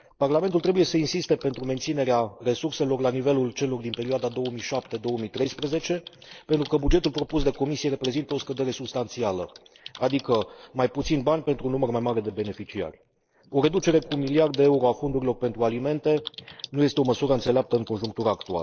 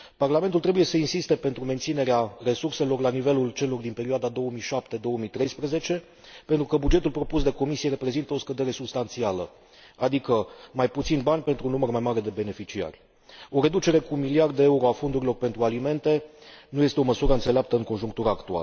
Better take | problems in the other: second | noise reduction (neural mask model Resemble Enhance denoiser)

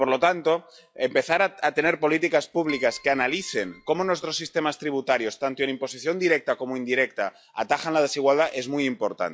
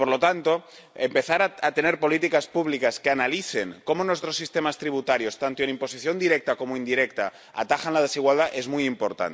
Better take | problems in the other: second | noise reduction (classical method log-MMSE)

